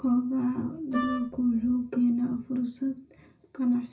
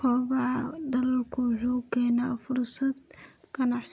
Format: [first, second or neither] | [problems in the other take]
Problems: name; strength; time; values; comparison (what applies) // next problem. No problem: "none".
second | background sound (Wind instrument, woodwind instrument); 9 dB below the speech // room echo; dies away in 0.4 s